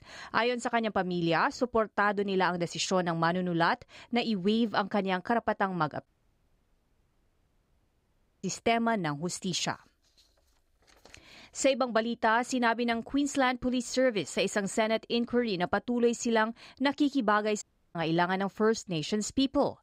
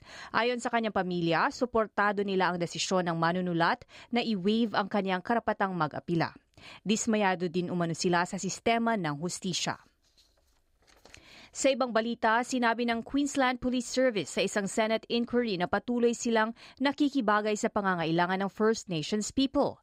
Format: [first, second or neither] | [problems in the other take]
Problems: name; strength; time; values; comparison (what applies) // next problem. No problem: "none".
second | audio cutting out; at 6 s for 2.5 s and at 18 s